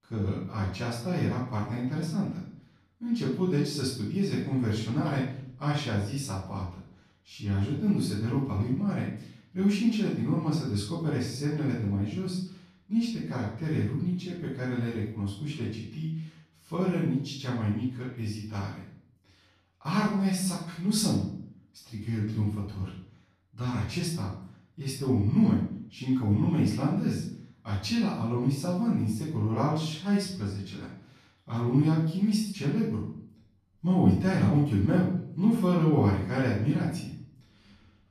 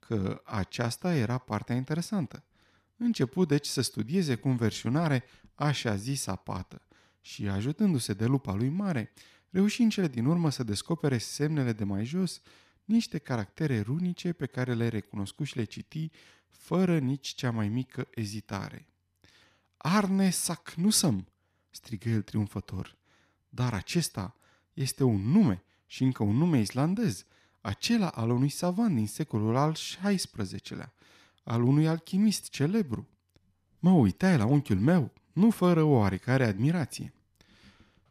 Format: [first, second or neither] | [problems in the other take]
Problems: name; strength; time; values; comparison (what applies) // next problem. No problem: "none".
second | off-mic speech; far // room echo; noticeable; dies away in 0.5 s